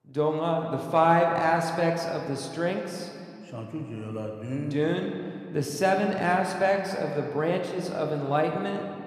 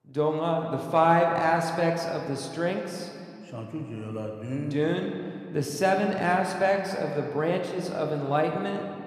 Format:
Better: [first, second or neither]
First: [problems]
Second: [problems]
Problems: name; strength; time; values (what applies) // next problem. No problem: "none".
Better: neither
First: room echo; slight; dies away in 1.9 s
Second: room echo; slight; dies away in 1.9 s